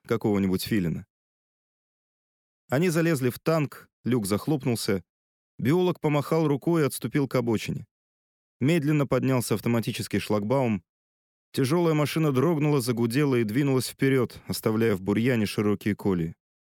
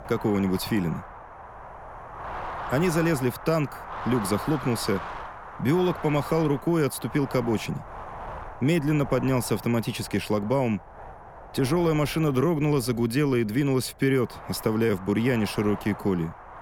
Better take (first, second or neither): first